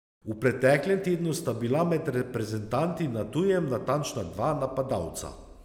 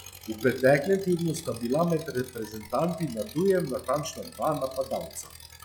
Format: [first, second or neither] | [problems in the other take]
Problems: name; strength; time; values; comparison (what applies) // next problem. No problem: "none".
first | noise reduction (classical method log-MMSE)